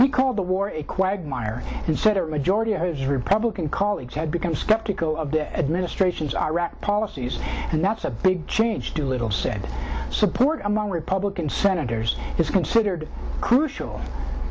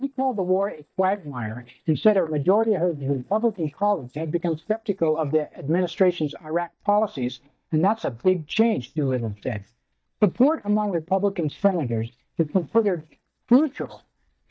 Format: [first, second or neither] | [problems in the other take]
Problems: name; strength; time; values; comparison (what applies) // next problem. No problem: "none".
first | noise reduction (neural mask model DeepFilterNet 3)